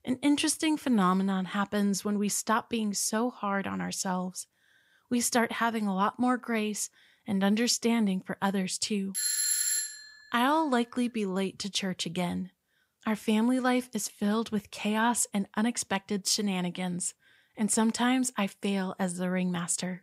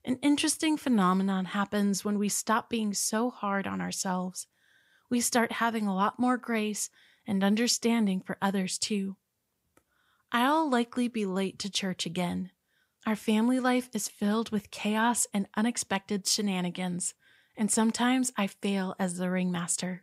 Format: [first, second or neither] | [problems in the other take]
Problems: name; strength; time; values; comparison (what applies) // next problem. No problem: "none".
second | doorbell; loud; at 9 s; peak 4 dB above the speech